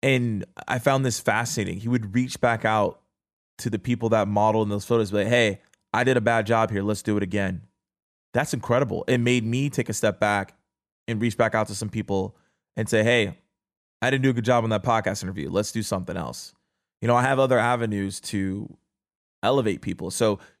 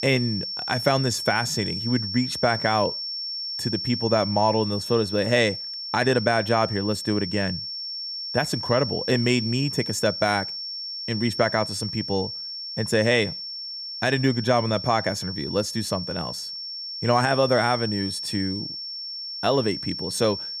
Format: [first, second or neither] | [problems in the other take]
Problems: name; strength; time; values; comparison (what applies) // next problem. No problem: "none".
first | high-pitched whine; loud; throughout; 5.5 kHz, 5 dB below the speech